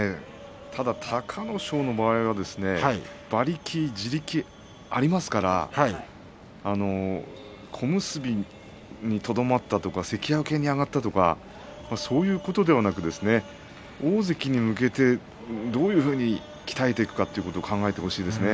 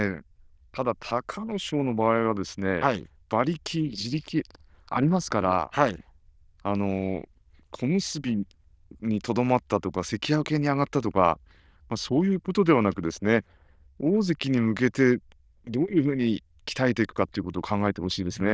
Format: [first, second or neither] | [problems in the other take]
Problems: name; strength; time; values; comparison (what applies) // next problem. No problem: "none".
first | noise reduction (neural diffusion model UNIVERSE++)